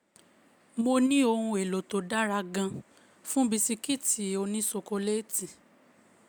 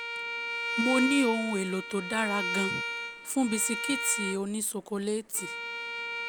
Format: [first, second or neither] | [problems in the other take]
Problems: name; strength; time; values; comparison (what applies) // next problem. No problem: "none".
first | background sound (Bowed string instrument); 4 dB below the speech